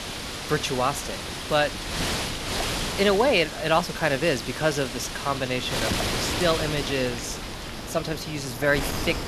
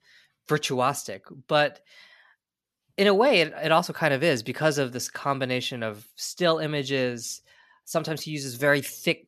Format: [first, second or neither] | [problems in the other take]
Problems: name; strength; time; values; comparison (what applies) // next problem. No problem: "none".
second | wind noise on the microphone; heavy; 5 dB below the speech